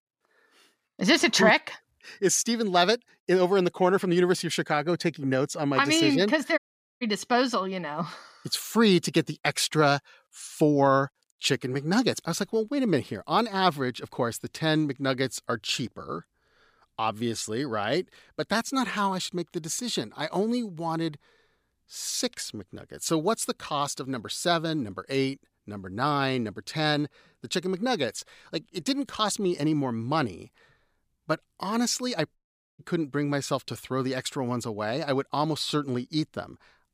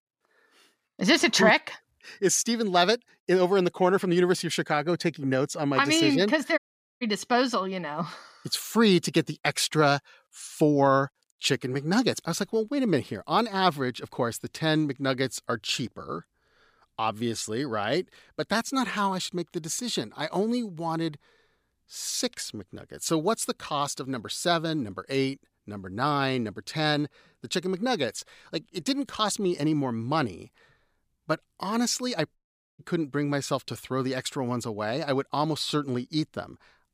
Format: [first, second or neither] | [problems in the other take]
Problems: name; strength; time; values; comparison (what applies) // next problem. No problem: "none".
neither | audio cutting out; at 6.5 s and at 32 s; the same in both